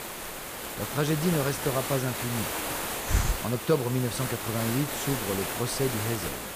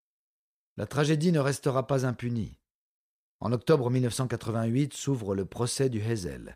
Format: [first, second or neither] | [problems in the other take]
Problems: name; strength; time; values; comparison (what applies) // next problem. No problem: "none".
second | hiss; loud; throughout; 2 dB below the speech